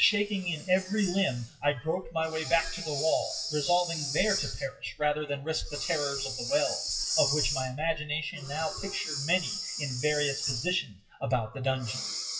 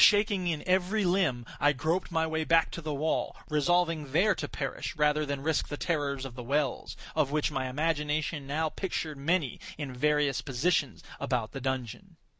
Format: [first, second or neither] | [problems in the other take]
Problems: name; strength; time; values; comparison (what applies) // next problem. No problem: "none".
second | noise reduction (classical method WPE with log-MMSE)